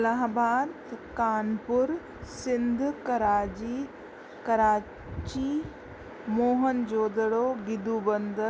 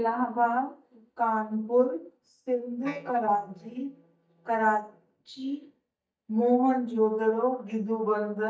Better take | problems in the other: first | noise reduction (neural mask model DeepFilterNet 3)

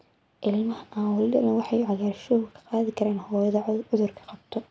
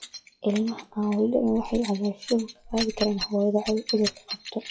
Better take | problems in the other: first | noise reduction (classical method WPE with log-MMSE)

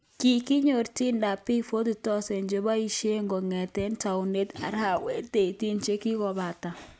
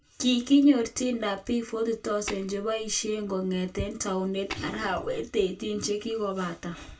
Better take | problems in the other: first | background sound (Tap); 14 dB below the speech // room echo; dies away in 0.2 s

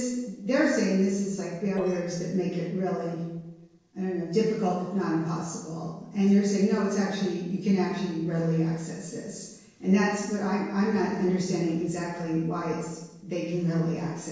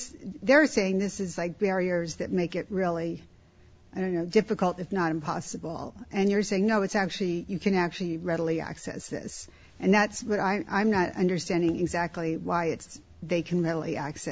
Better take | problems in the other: second | noise reduction (neural separator model SepFormer DNS4)

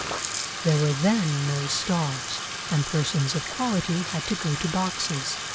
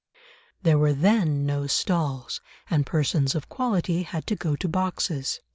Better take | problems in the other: second | background sound (Bathtub (filling or washing)); 6 dB below the speech

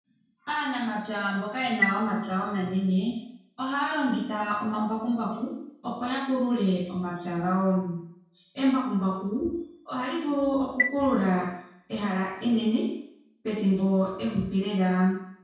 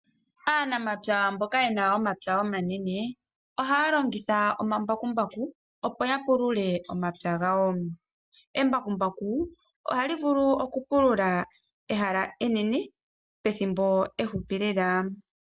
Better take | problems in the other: second | background sound (Chime); 7 dB below the speech // room echo; dies away in 0.6 s

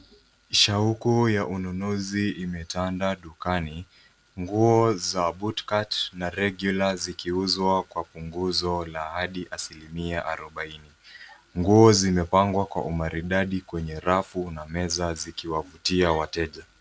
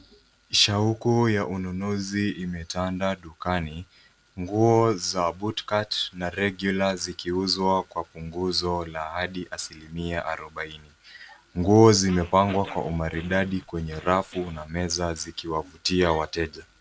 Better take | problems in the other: first | background sound (Growling); 19 dB below the speech

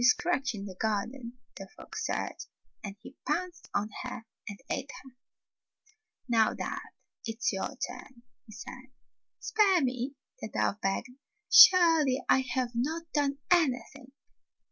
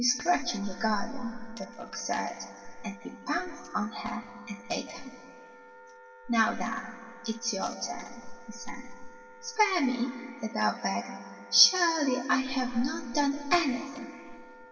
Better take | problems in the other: first | background sound (Wind instrument, woodwind instrument); 20 dB below the speech // room echo; dies away in 2.2 s

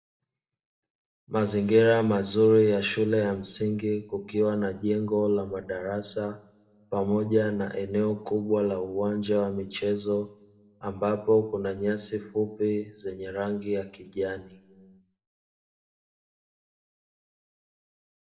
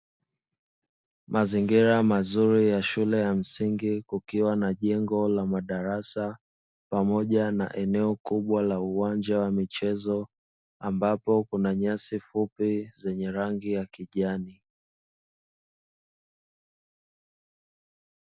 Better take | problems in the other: second | room echo; dies away in 0.7 s

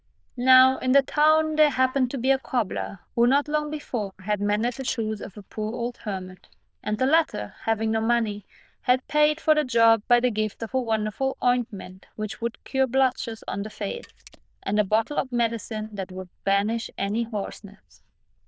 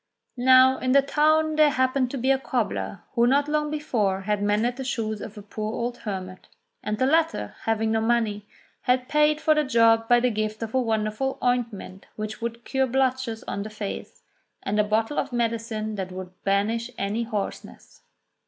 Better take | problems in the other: second | noise reduction (neural diffusion model UNIVERSE++)

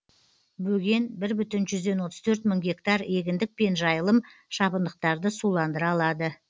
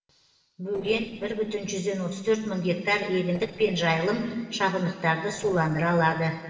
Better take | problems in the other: first | noise reduction (neural separator model SepFormer DNS4)

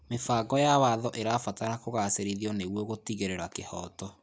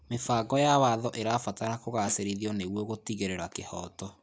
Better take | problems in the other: first | background sound (Snare drum); 13 dB below the speech

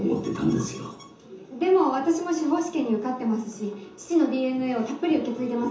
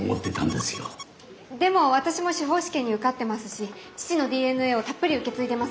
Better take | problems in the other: second | room echo; dies away in 0.6 s

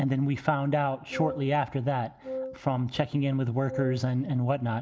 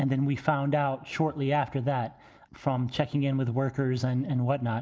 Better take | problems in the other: second | background sound (Wind instrument, woodwind instrument); 10 dB below the speech

